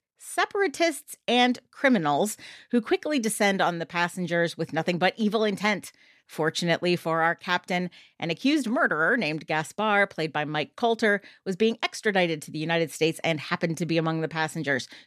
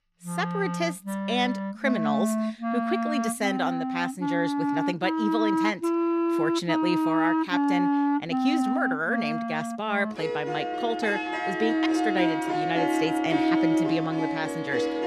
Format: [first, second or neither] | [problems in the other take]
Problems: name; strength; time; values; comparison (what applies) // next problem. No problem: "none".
first | background music; very loud; throughout; 3 dB above the speech